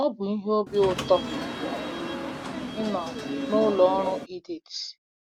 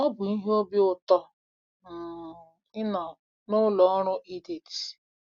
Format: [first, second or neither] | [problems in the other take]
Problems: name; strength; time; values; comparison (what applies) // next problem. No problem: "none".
second | background sound (Subway, metro, underground / Sliding door); 5 dB below the speech